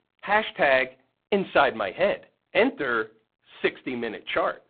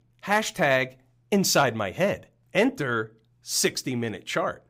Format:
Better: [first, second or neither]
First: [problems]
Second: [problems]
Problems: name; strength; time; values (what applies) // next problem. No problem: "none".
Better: second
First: phone-call audio; poor line; nothing above 4 kHz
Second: none